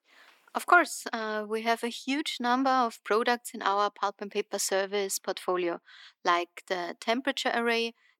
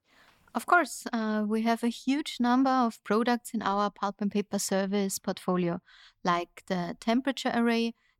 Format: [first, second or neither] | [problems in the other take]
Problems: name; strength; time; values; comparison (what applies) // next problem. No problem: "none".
second | thin; somewhat; fading below 300 Hz